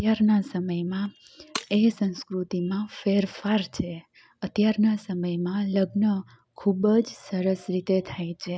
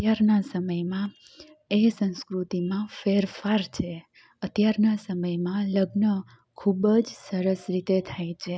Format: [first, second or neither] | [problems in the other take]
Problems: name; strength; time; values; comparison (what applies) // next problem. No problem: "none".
second | background sound (Shatter); 19 dB below the speech